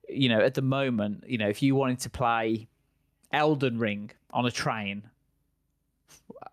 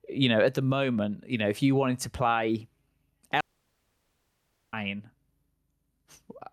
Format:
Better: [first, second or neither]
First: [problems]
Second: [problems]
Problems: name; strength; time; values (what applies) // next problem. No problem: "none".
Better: first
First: none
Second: audio cutting out; at 3.5 s for 1.5 s